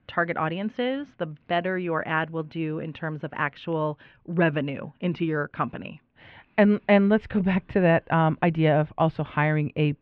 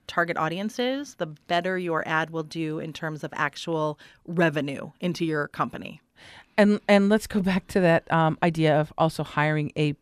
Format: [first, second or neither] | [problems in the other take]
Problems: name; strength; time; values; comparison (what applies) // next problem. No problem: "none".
second | muffled; very; fading above 2.5 kHz